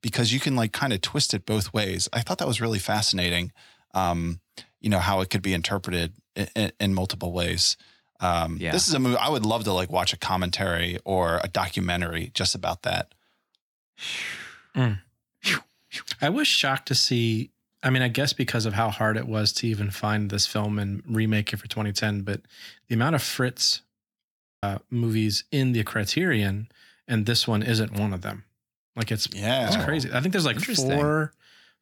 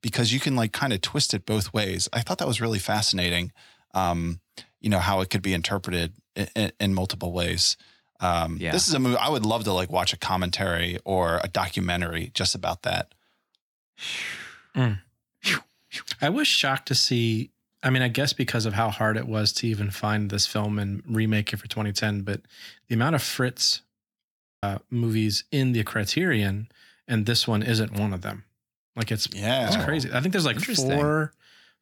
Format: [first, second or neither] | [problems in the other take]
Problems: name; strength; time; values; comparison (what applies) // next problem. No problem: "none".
neither | audio cutting out; at 24 s; the same in both